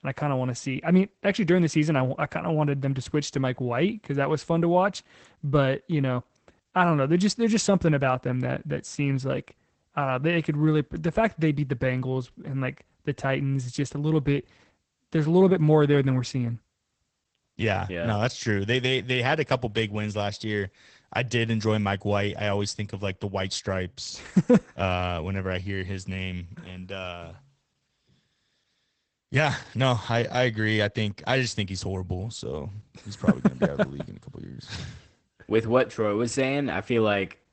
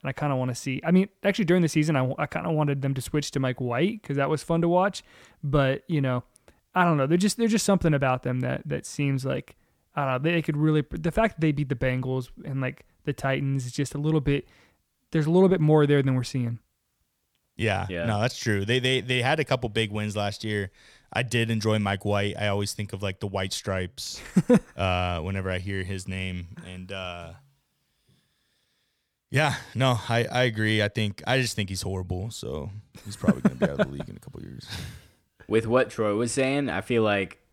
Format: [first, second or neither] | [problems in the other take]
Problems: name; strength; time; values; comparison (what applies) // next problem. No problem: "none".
second | garbled, watery; badly; nothing above 8 kHz